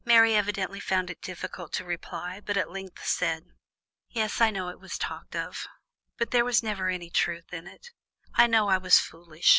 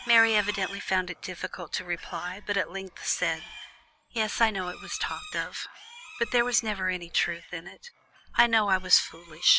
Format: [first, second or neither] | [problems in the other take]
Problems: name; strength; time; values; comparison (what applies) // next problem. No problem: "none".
first | background sound (Livestock, farm animals, working animals); 17 dB below the speech